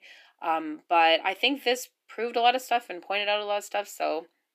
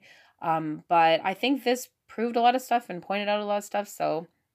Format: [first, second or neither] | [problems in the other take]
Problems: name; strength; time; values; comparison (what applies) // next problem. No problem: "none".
second | thin; very slightly; fading below 350 Hz